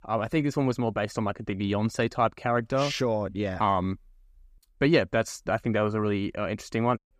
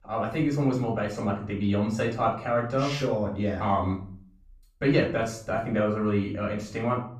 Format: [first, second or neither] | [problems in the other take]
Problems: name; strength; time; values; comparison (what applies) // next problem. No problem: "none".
first | off-mic speech; far // room echo; slight; dies away in 0.4 s